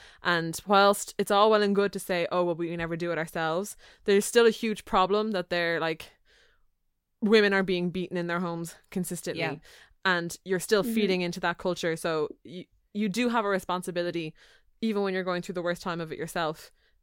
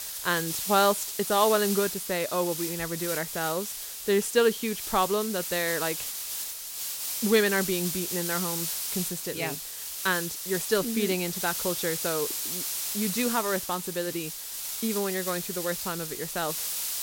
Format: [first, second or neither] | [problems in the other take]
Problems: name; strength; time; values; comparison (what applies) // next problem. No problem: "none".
first | hiss; loud; throughout; 3 dB below the speech